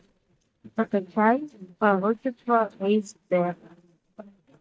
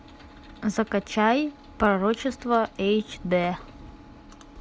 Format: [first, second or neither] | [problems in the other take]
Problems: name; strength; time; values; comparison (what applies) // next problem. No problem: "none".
second | noise reduction (neural mask model DeepFilterNet 3)